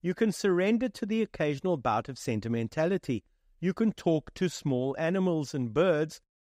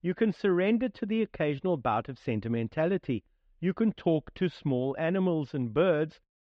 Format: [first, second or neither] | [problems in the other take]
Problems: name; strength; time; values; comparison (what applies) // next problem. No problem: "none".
first | muffled; slightly; fading above 3.5 kHz